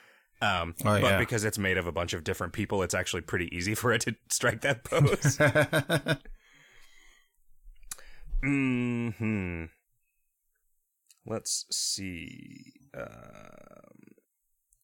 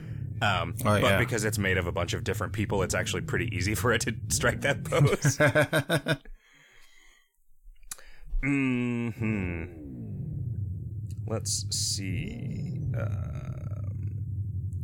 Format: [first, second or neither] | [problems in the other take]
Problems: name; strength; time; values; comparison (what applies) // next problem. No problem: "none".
first | low rumble; noticeable; until 5 s and from 9 s on; 20 dB below the speech